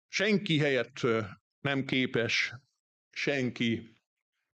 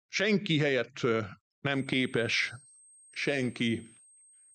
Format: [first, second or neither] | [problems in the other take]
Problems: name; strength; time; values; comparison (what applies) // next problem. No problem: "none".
first | high-pitched whine; faint; from 2 s on; 8.5 kHz, 25 dB below the speech